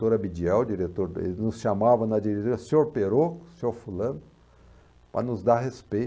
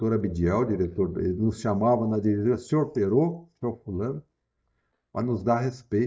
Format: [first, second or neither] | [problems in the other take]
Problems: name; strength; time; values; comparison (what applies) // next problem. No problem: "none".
first | noise reduction (neural mask model DeepFilterNet 3)